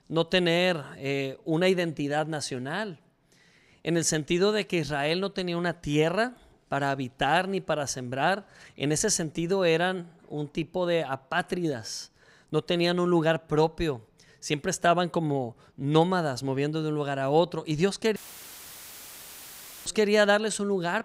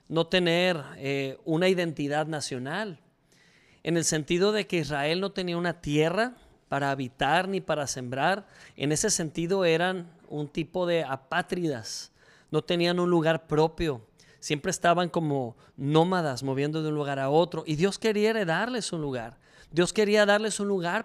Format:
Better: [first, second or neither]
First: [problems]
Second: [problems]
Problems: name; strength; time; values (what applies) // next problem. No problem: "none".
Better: second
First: audio cutting out; filled with static; at 18 s for 1.5 s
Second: none